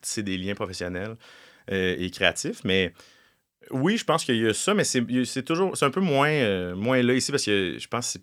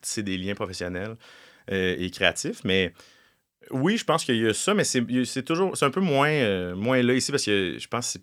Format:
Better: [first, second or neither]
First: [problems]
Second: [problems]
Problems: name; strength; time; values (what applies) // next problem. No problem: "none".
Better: neither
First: none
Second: none